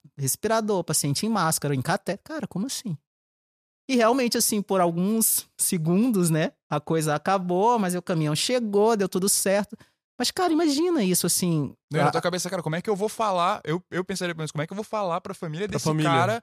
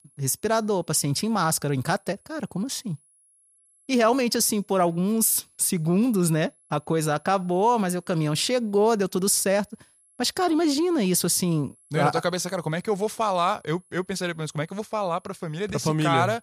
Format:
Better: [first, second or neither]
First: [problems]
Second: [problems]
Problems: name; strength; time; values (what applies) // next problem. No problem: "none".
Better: first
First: none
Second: high-pitched whine; faint; throughout; 11 kHz, 35 dB below the speech